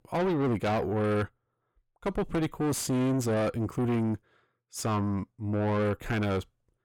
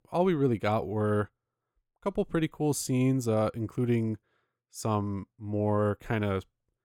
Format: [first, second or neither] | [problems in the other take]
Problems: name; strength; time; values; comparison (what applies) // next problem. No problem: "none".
second | distortion; heavy; 7 dB below the speech